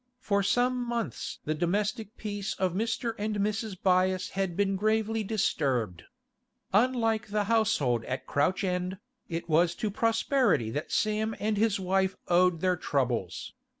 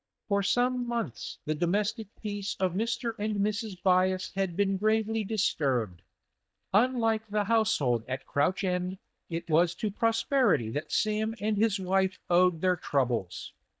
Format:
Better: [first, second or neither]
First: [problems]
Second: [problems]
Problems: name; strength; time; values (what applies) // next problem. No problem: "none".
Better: first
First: none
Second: noise reduction (neural mask model DeepFilterNet 3)